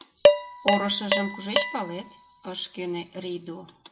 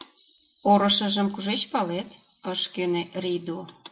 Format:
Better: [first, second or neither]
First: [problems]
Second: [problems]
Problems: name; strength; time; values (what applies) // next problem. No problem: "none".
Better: second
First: background sound (Dishes, pots, and pans); 5 dB above the speech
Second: none